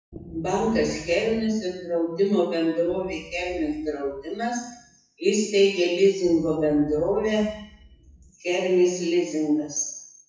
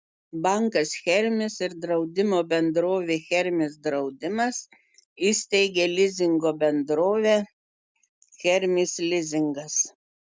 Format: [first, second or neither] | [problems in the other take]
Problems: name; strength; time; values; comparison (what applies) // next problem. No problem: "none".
second | noise reduction (classical method WPE with log-MMSE)